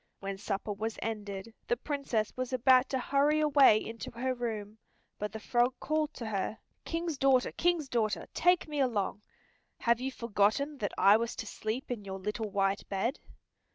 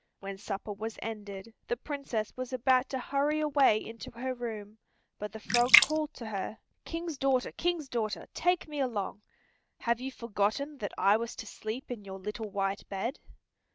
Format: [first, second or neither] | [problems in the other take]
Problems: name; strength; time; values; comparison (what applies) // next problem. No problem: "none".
first | background sound (Splash, splatter); 1 dB above the speech